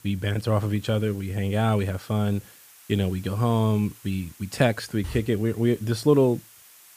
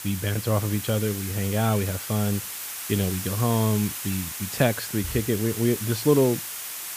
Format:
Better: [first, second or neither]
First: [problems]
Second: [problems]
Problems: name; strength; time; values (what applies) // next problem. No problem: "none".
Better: first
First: hiss; faint; throughout; 25 dB below the speech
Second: hiss; loud; throughout; 6 dB below the speech